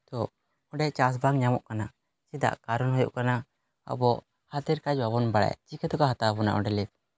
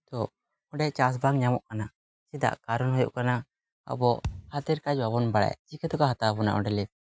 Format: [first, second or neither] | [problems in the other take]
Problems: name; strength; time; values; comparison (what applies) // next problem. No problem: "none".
first | noise reduction (classical method Wiener filter)